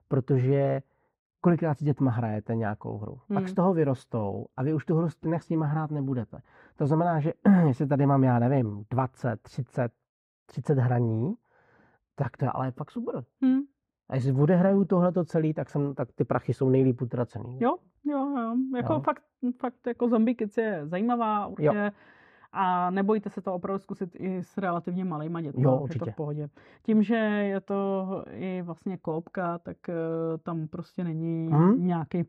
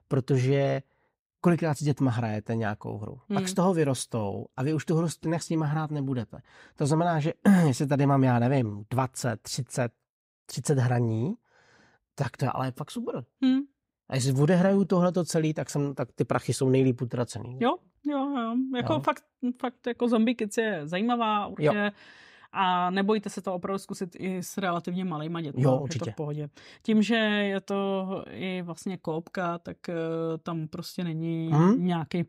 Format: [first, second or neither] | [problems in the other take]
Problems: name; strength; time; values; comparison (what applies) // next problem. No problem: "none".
second | muffled; very; fading above 3 kHz